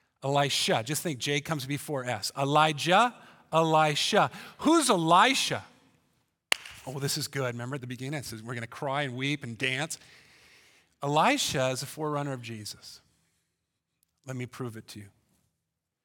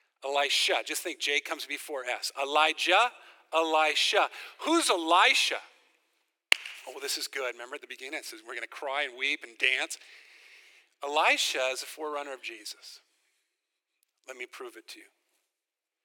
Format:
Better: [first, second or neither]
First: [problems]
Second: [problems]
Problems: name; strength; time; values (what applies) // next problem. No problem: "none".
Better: first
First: none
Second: thin; very; fading below 350 Hz